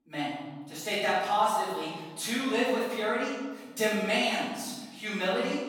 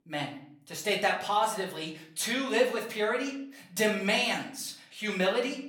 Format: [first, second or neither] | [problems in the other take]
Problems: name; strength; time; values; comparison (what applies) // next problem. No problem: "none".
second | room echo; strong; dies away in 1.4 s; slight in the second // off-mic speech; far; far in the second